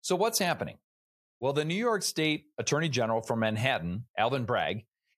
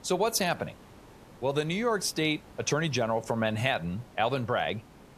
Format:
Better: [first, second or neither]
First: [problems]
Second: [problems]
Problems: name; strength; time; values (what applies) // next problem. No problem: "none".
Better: first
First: none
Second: hiss; faint; throughout; 25 dB below the speech